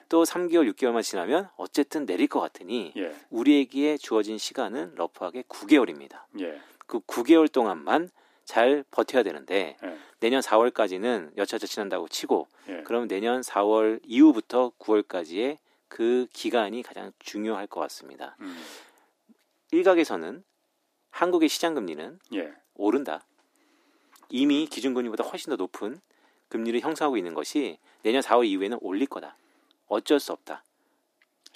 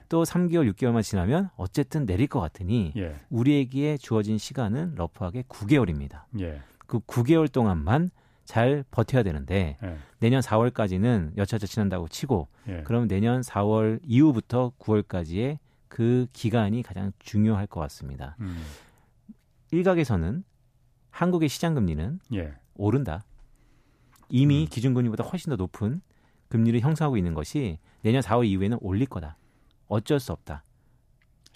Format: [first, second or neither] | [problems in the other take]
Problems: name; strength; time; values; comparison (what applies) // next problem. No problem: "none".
second | thin; somewhat; fading below 300 Hz